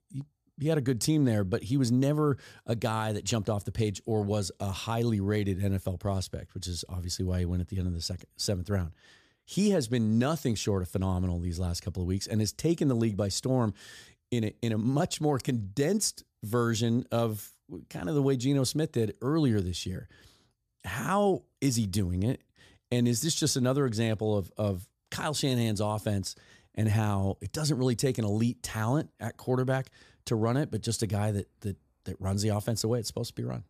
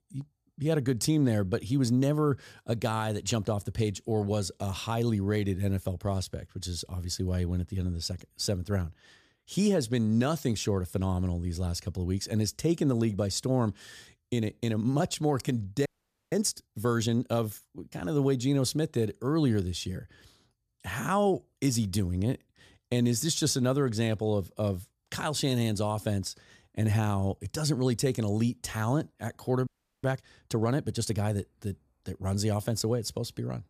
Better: first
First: none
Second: audio freezing; at 16 s and at 30 s

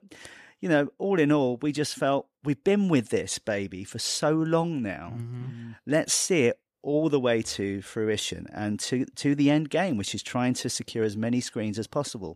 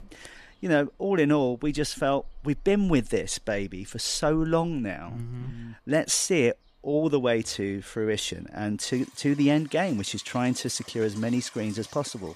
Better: first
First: none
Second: rain or running water; faint; throughout; 25 dB below the speech

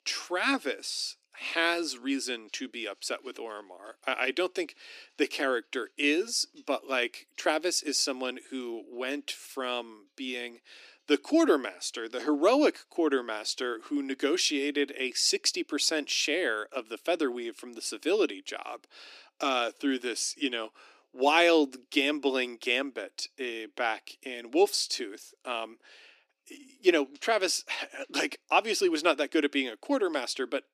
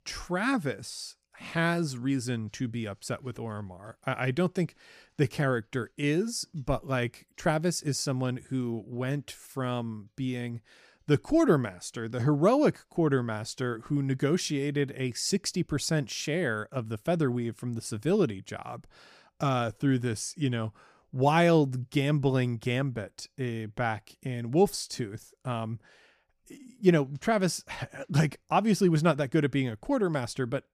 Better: second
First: thin; somewhat; fading below 300 Hz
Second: none

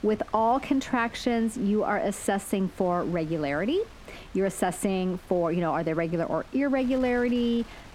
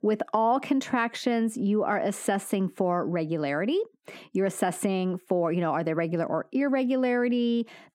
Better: second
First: wind noise on the microphone; occasional gusts; 20 dB below the speech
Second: none

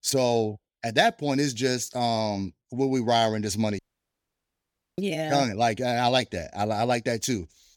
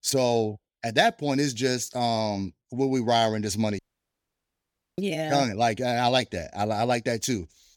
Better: neither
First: audio cutting out; at 4 s for 1 s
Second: audio cutting out; at 4 s for 1 s

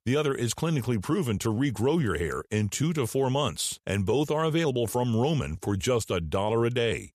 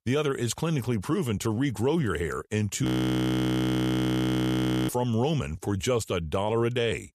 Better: first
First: none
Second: audio freezing; at 3 s for 2 s

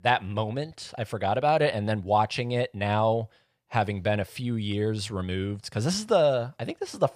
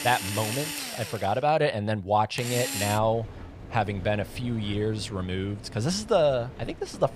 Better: first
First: none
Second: machinery noise; loud; throughout; 9 dB below the speech

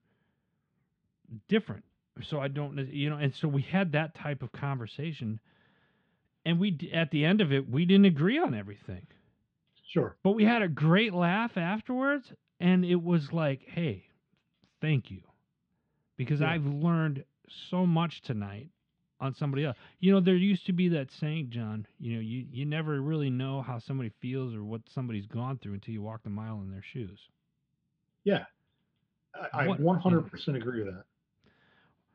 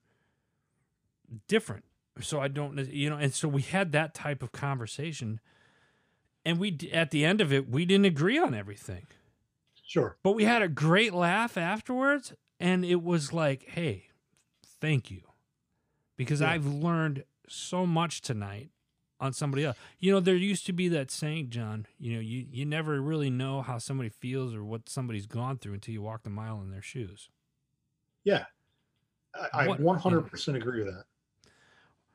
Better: second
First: muffled; slightly; fading above 3.5 kHz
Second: none

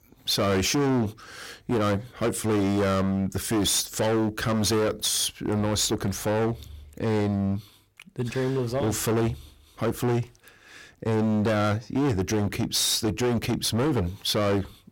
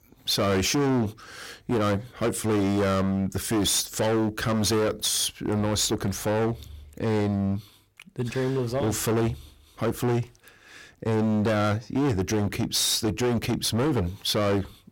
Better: neither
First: distortion; heavy; 21% of the sound clipped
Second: distortion; heavy; 21% of the sound clipped

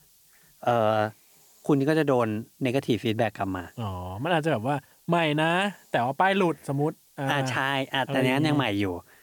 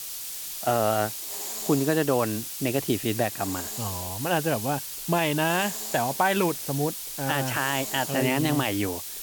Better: first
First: hiss; faint; throughout; 30 dB below the speech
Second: hiss; loud; throughout; 5 dB below the speech

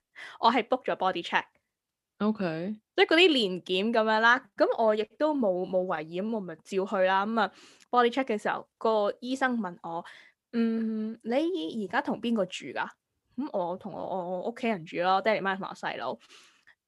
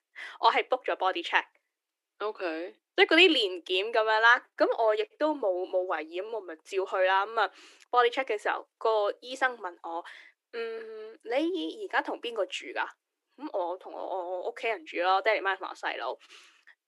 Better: first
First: none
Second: thin; very; fading below 300 Hz

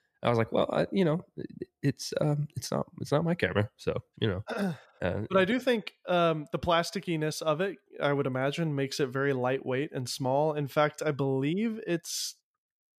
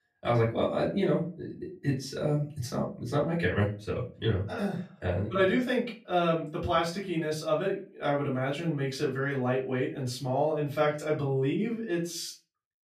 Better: first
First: none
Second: off-mic speech; far // room echo; slight; dies away in 0.3 s

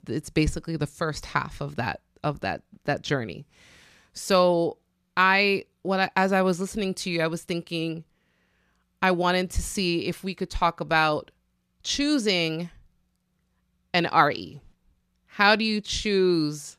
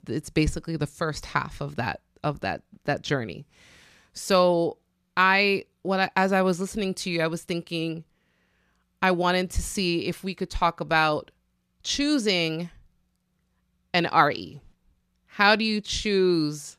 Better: neither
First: none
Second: none

